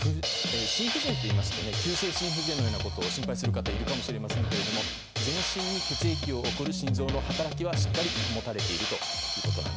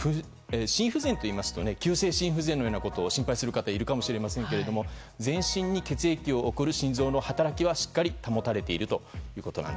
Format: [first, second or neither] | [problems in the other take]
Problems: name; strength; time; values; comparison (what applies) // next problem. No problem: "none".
second | background sound (Drum kit); 4 dB above the speech